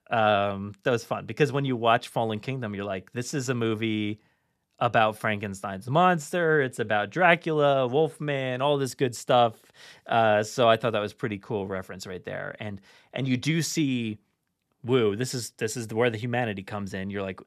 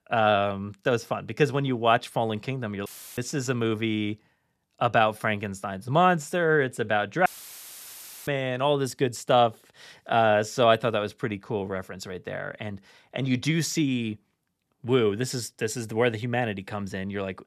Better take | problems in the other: first | audio cutting out; filled with static; at 3 s and at 7.5 s for 1 s

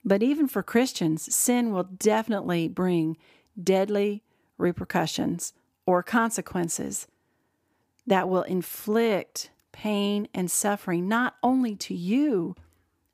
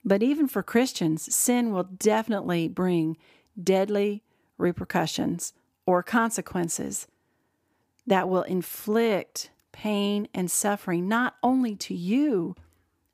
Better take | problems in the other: neither | none

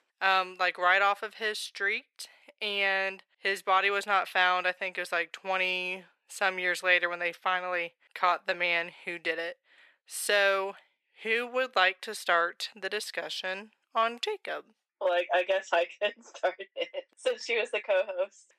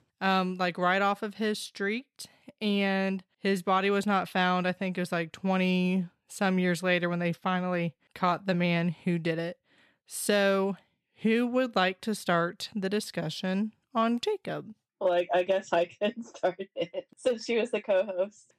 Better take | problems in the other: second | thin; very; fading below 450 Hz

